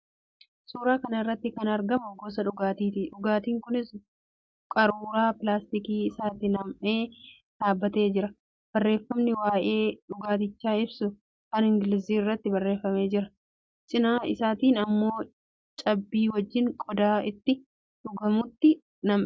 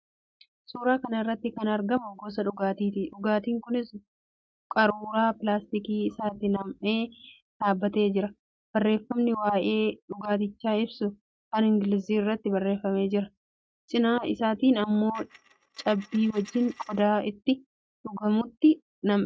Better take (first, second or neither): first